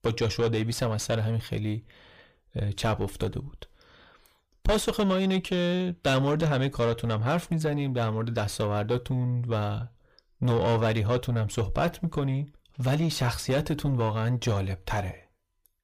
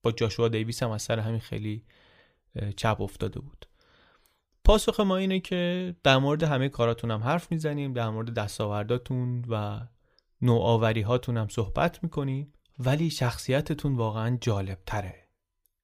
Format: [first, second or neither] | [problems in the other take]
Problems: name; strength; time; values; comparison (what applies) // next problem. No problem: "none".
second | distortion; heavy; 7 dB below the speech